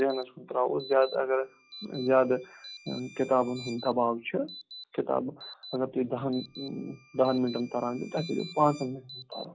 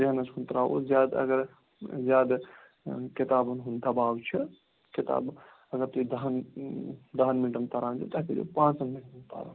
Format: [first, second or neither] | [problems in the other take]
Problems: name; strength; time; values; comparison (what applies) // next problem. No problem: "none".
second | noise reduction (classical method log-MMSE)